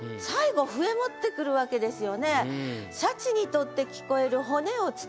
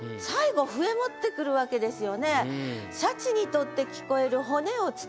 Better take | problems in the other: first | background sound (Wind instrument, woodwind instrument); 19 dB below the speech

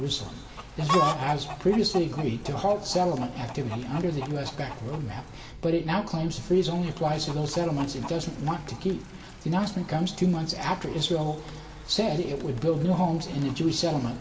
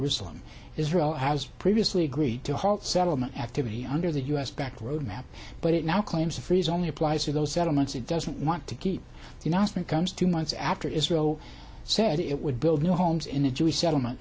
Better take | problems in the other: second | background sound (Chicken, rooster); 12 dB below the speech // room echo; dies away in 1.5 s

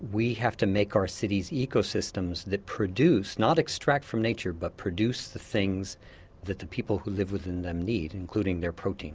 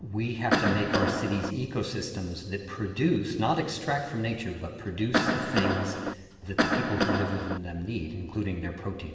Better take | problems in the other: first | background sound (Cough); 2 dB above the speech // room echo; dies away in 1.6 s

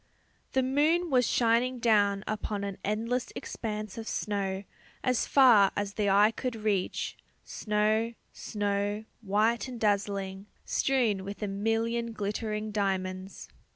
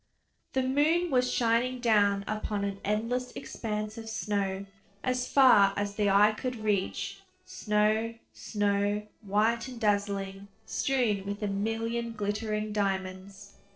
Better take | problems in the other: first | noise reduction (neural separator model SepFormer DNS4)

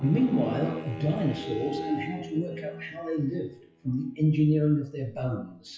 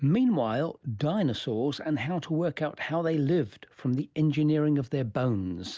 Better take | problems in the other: second | noise reduction (classical method WPE with log-MMSE)

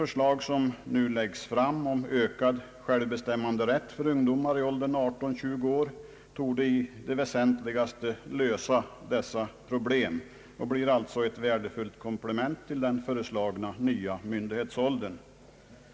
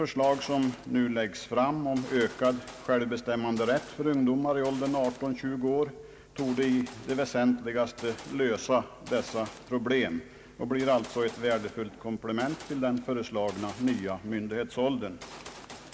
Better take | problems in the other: first | background sound (Gunshot, gunfire); 19 dB below the speech

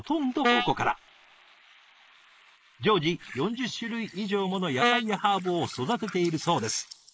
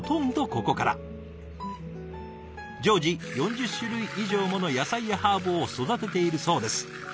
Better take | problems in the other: second | noise reduction (neural mask model Resemble Enhance denoiser)

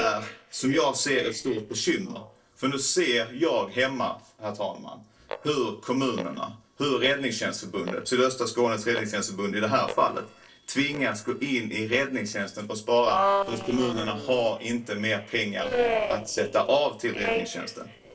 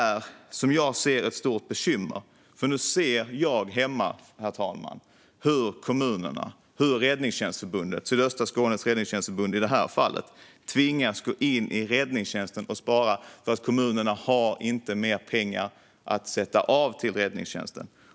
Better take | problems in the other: second | noise reduction (neural separator model SepFormer DNS4)

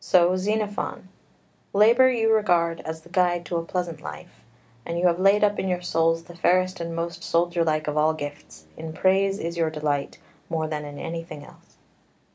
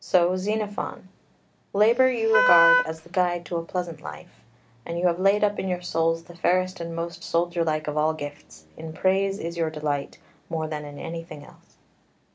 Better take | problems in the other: first | background sound (Wind instrument, woodwind instrument); 2 dB above the speech

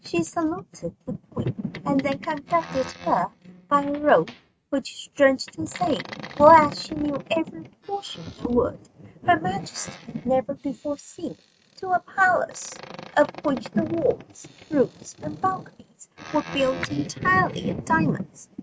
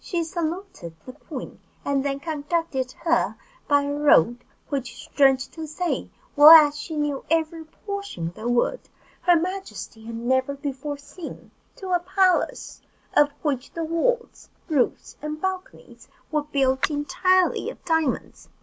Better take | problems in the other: second | noise reduction (neural mask model RNNoise)

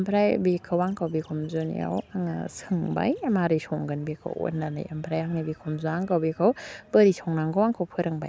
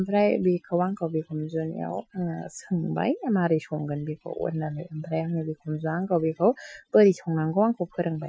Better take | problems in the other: first | noise reduction (classical method Wiener filter)

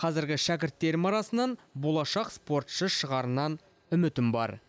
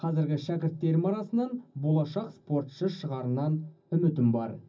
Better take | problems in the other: first | room echo; dies away in 0.4 s

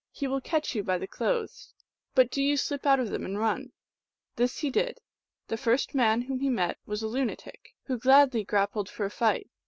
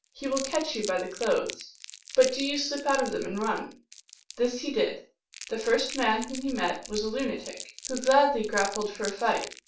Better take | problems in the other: first | background sound (Crumpling, crinkling); 14 dB below the speech // room echo; dies away in 0.3 s

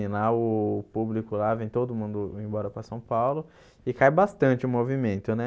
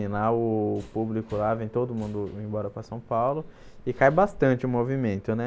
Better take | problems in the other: first | background sound (Subway, metro, underground); 19 dB below the speech

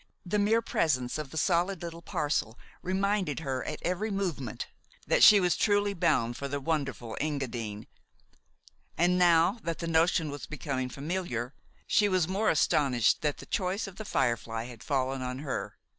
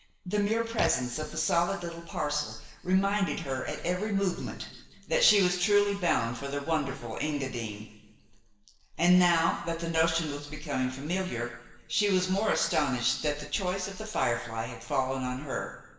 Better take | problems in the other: first | background sound (Fart); 12 dB below the speech // room echo; dies away in 1.1 s

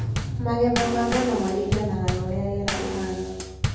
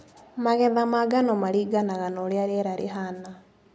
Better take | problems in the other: second | background sound (Bass drum / Snare drum / Drum kit); 1 dB below the speech // room echo; dies away in 0.8 s

